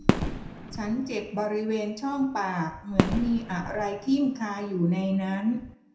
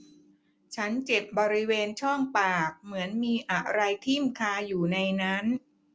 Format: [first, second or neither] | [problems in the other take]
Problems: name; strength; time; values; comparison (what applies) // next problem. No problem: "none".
second | background sound (Fireworks); 4 dB below the speech // room echo; dies away in 0.5 s